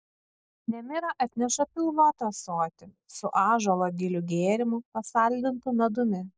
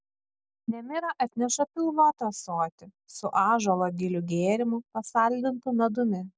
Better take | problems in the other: second | noise reduction (neural mask model Resemble Enhance denoiser)

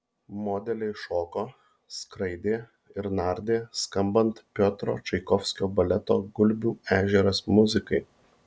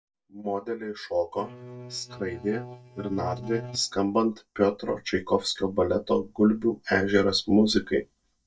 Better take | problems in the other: first | noise reduction (neural mask model DeepFilterNet 3)

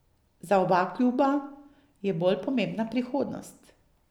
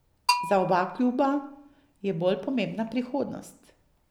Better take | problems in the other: first | background sound (Bell); 7 dB below the speech

